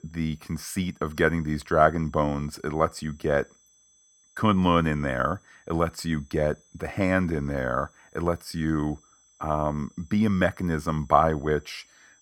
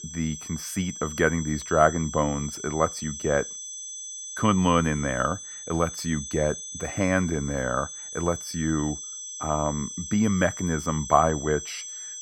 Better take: first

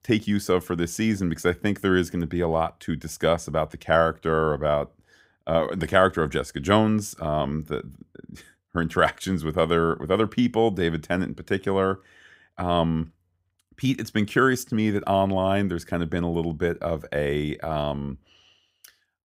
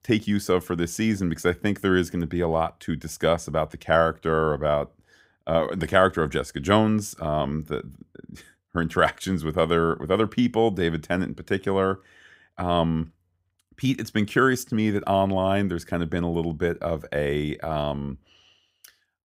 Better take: neither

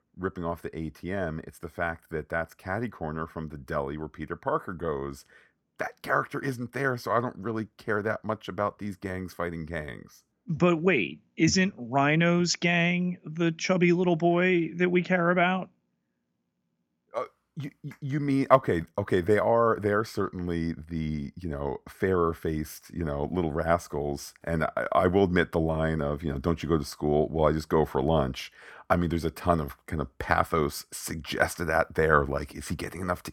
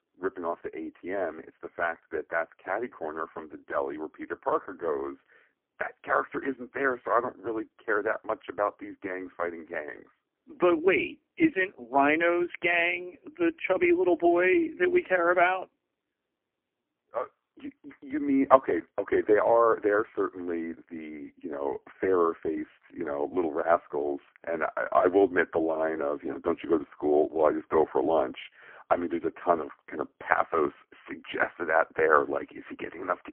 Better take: first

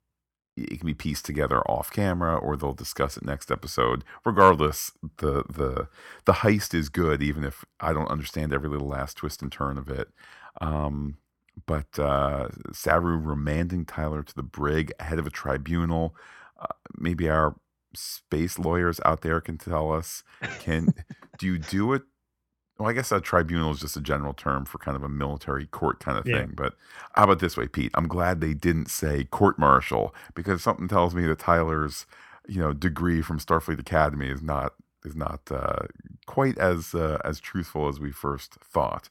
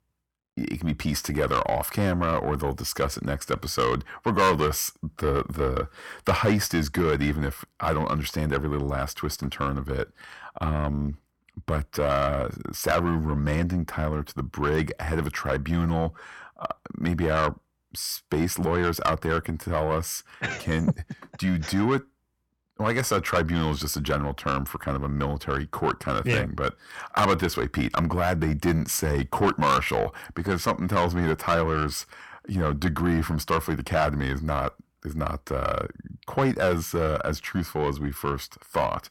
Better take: first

